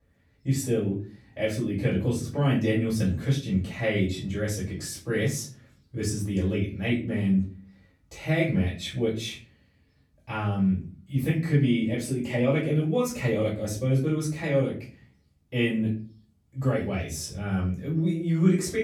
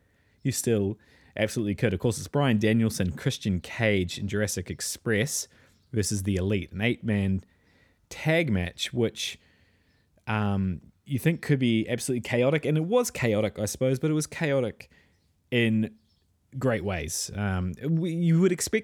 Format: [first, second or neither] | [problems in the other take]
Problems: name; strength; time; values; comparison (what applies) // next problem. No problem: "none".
second | off-mic speech; far // room echo; slight; dies away in 0.4 s